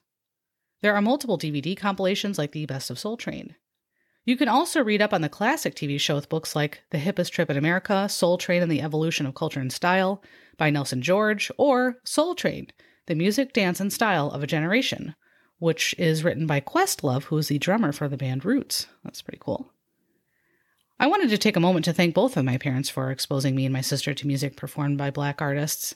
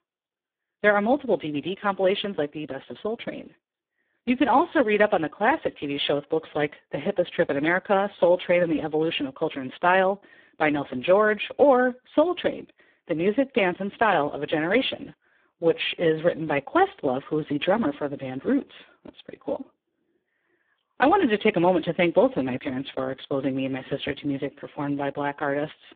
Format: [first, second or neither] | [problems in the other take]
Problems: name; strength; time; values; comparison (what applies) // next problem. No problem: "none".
first | phone-call audio; poor line